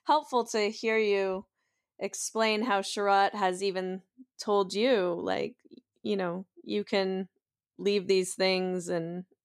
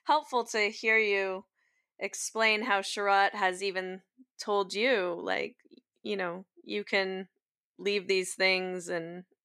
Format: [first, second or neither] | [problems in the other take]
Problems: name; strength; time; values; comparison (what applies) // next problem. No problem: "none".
first | thin; very slightly; fading below 600 Hz